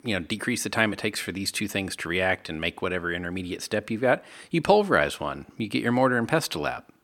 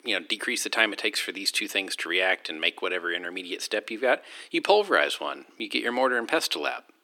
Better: first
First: none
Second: thin; somewhat; fading below 350 Hz

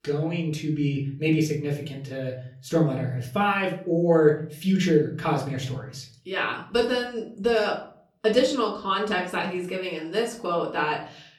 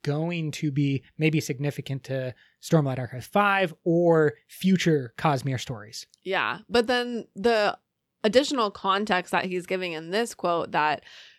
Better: second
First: off-mic speech; far // room echo; slight; dies away in 0.4 s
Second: none

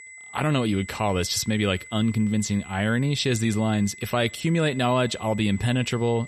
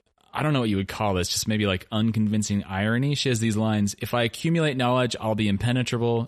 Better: second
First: high-pitched whine; noticeable; throughout; 2 kHz, 15 dB below the speech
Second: none

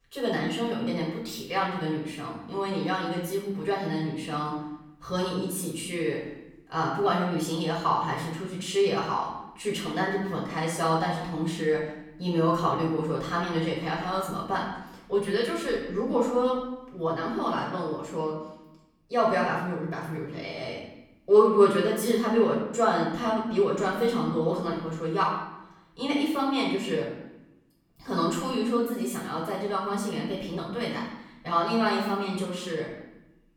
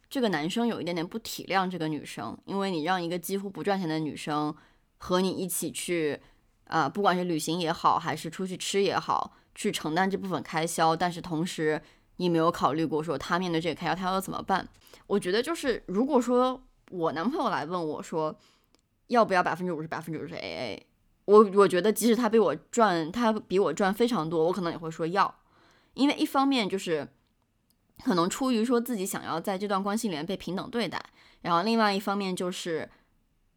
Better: second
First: room echo; noticeable; dies away in 0.8 s // off-mic speech; far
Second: none

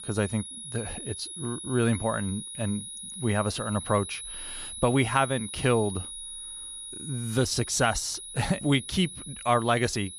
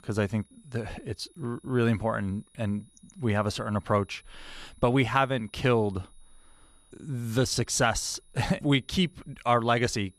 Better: second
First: high-pitched whine; loud; throughout; 10.5 kHz, 9 dB below the speech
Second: high-pitched whine; faint; throughout; 10.5 kHz, 35 dB below the speech

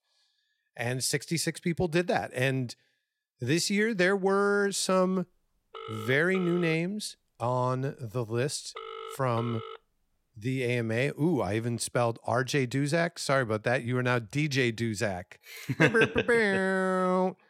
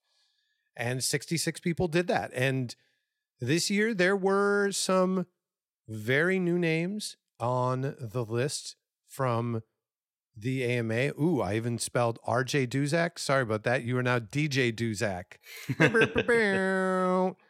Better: second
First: phone ringing; faint; from 5.5 to 10 s; peak 10 dB below the speech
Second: none

